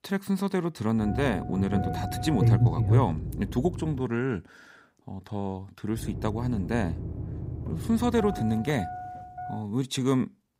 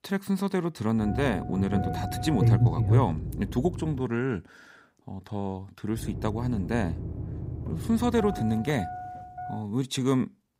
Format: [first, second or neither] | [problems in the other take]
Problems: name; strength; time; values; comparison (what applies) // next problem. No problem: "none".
neither | low rumble; loud; from 1 to 4 s and from 6 to 9.5 s; 6 dB below the speech; the same in both